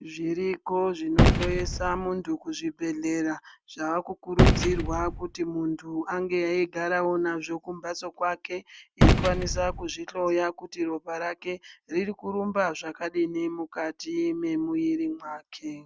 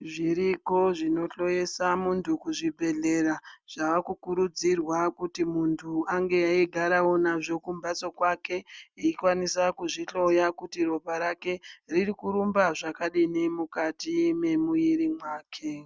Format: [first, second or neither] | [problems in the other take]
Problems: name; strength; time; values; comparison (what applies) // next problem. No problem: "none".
second | background sound (Gunshot, gunfire); 2 dB above the speech